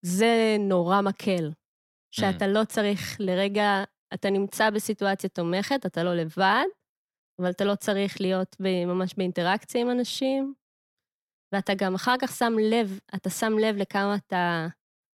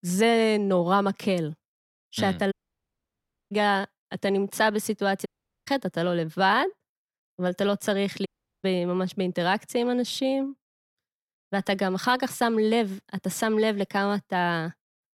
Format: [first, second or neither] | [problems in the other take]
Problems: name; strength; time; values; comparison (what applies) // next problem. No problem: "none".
first | audio cutting out; at 2.5 s for 1 s, at 5.5 s and at 8.5 s